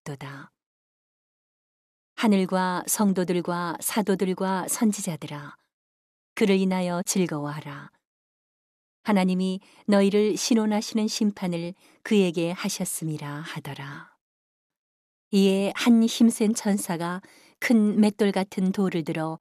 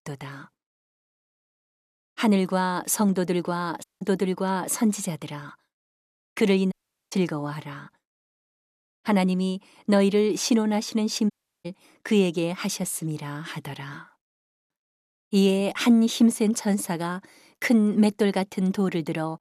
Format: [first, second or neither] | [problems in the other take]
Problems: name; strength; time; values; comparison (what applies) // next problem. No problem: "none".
first | audio cutting out; at 4 s, at 6.5 s and at 11 s